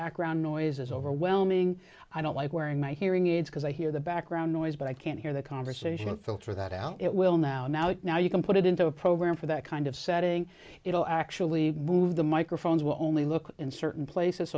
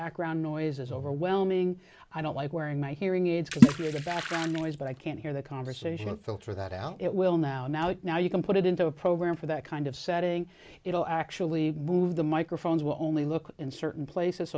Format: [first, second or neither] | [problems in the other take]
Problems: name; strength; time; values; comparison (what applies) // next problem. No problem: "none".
first | background sound (Water / Splash, splatter); 3 dB above the speech